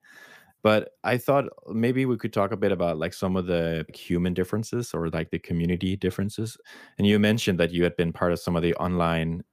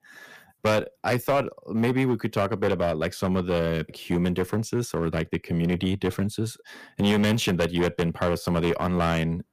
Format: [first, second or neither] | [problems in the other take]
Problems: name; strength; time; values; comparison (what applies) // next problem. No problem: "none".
first | distortion; slight; 10% of the sound clipped